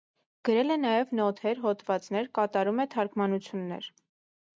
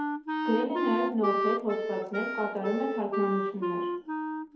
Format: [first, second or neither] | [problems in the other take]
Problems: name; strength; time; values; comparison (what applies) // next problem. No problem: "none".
first | background sound (Wind instrument, woodwind instrument); as loud as the speech // room echo; dies away in 2.1 s